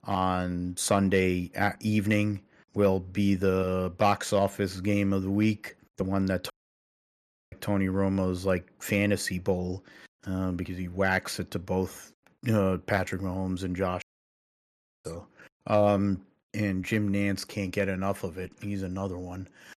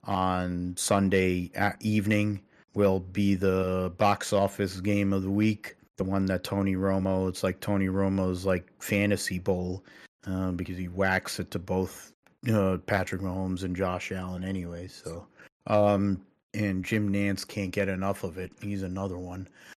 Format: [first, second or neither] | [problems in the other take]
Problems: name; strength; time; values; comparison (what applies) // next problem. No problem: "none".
second | audio cutting out; at 6.5 s for 1 s and at 14 s for 1 s